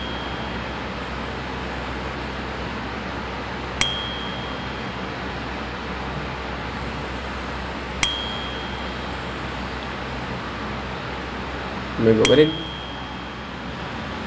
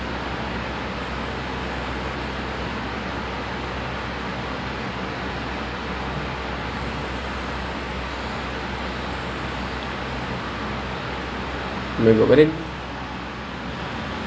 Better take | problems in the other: second | background sound (Bicycle bell); 10 dB below the speech

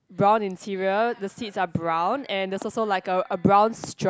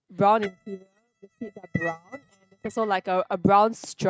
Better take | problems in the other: first | noise reduction (neural mask model RNNoise)

